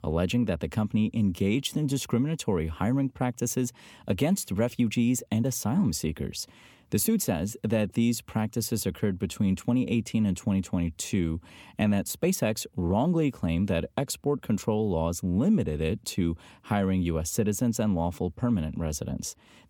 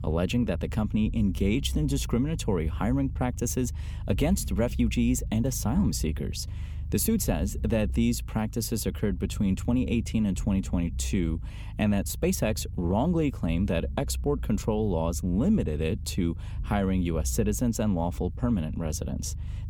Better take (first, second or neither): first